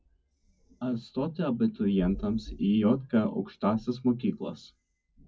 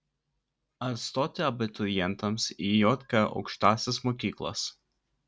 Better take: second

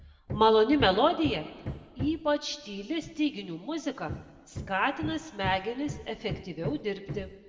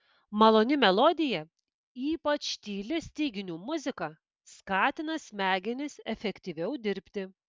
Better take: second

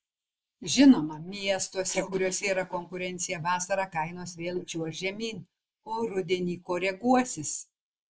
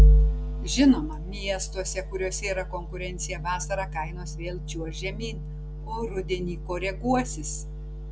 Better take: second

